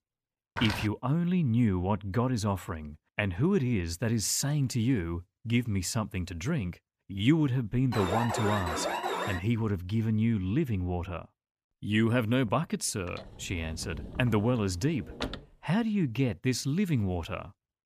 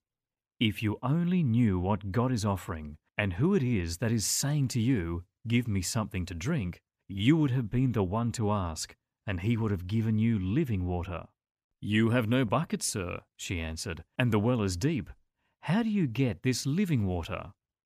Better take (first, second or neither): second